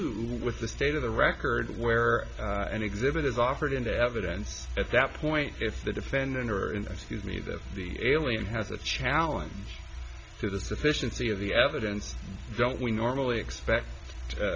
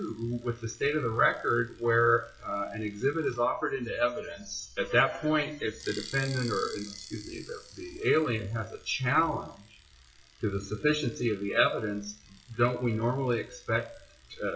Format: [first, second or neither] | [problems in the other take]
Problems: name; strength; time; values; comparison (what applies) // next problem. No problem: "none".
first | noise reduction (classical method WPE with log-MMSE)